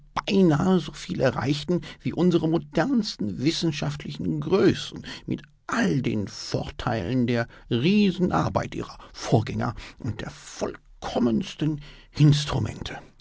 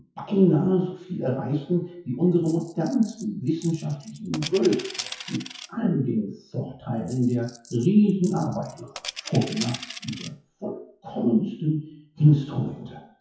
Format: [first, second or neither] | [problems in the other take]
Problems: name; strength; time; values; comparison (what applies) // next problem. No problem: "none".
first | noise reduction (classical method WPE with log-MMSE)